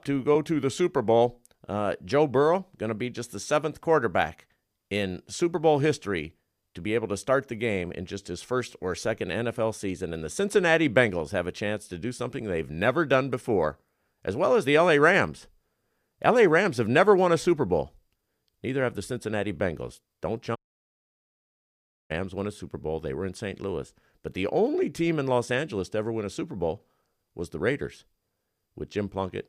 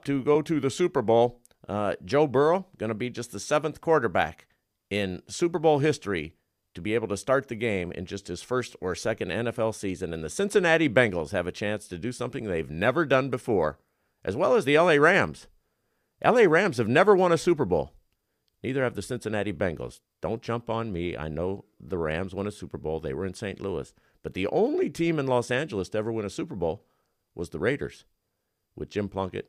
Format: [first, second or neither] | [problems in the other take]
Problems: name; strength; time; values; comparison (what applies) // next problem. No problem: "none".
second | audio cutting out; at 21 s for 1.5 s